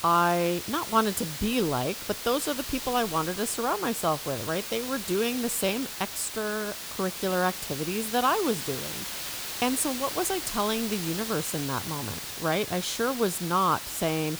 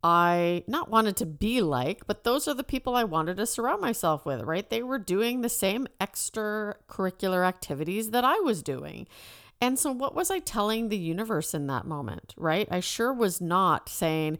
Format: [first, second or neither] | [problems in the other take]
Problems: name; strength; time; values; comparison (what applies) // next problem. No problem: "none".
second | hiss; loud; throughout; 6 dB below the speech